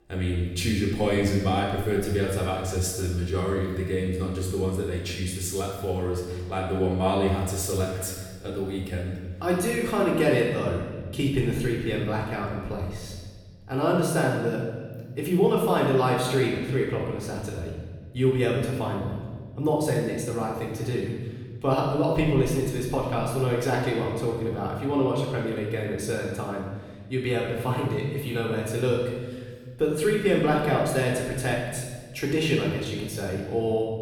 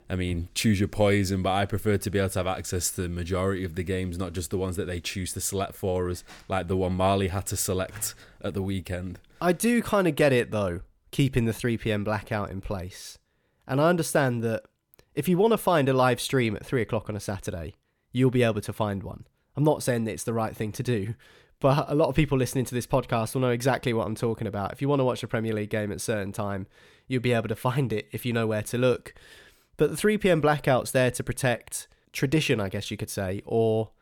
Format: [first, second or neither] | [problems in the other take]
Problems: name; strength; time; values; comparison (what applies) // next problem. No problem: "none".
second | off-mic speech; far // room echo; noticeable; dies away in 1.4 s